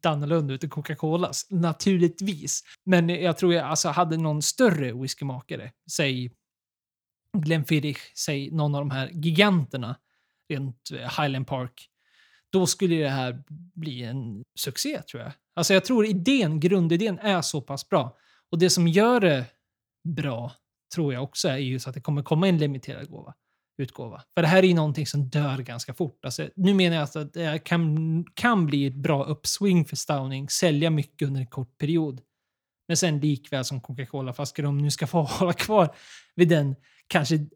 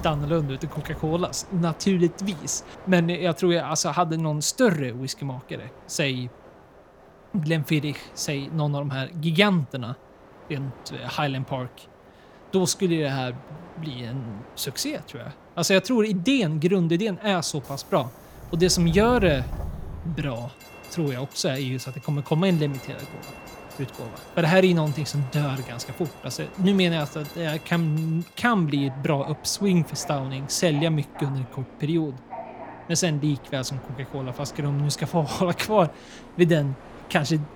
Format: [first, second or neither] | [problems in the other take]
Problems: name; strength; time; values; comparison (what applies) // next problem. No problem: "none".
first | train or aircraft noise; noticeable; throughout; 15 dB below the speech